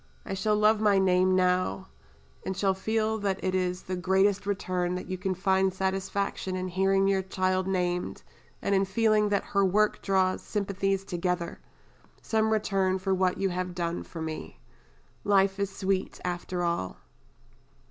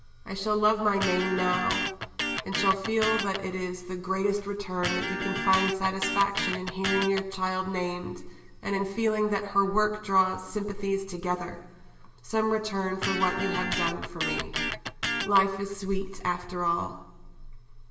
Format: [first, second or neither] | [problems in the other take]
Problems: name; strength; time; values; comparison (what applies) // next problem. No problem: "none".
first | background sound (Electric guitar); 3 dB below the speech // room echo; dies away in 1.1 s